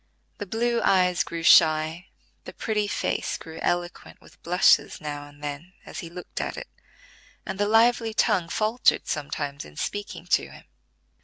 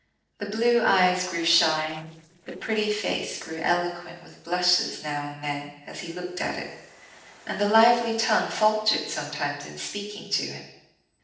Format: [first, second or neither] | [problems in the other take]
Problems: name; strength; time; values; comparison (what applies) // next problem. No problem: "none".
first | noise reduction (neural separator model SepFormer DNS4)